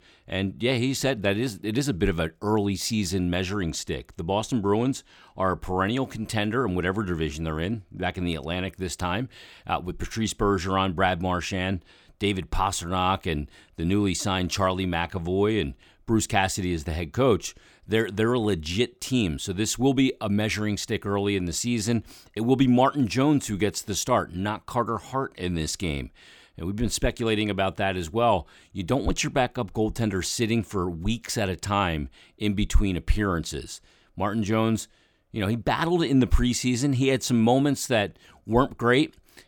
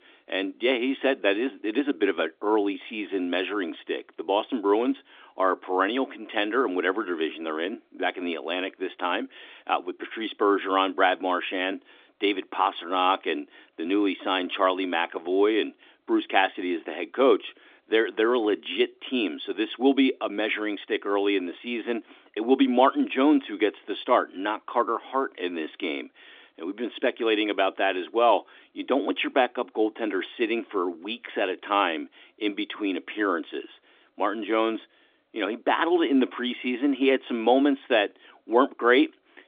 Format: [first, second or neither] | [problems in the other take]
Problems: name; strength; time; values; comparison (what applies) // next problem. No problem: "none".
first | phone-call audio; nothing above 3.5 kHz